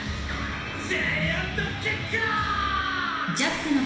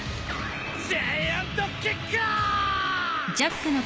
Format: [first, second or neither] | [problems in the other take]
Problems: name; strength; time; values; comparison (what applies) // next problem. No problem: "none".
second | room echo; dies away in 1.1 s